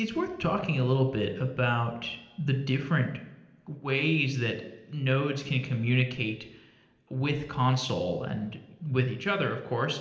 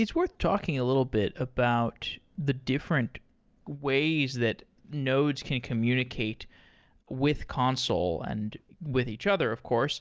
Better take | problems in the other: second | room echo; dies away in 0.8 s

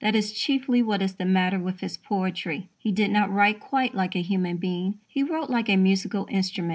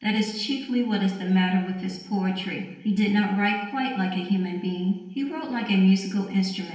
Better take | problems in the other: first | room echo; dies away in 0.8 s

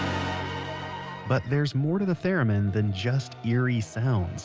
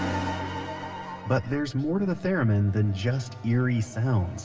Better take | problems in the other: first | room echo; dies away in 2.7 s

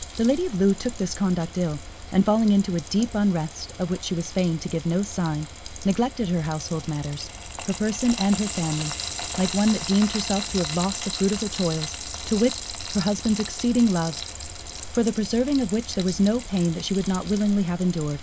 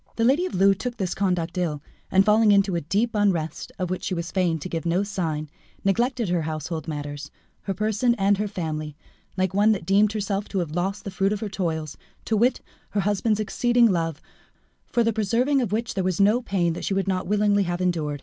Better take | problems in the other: second | background sound (Frying (food)); 10 dB below the speech

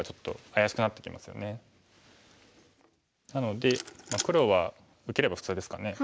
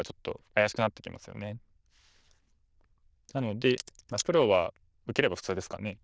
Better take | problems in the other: first | noise reduction (neural diffusion model UNIVERSE++)

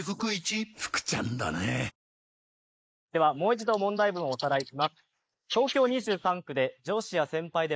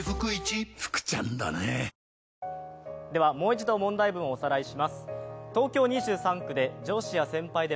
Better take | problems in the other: second | noise reduction (neural mask model Resemble Enhance denoiser)

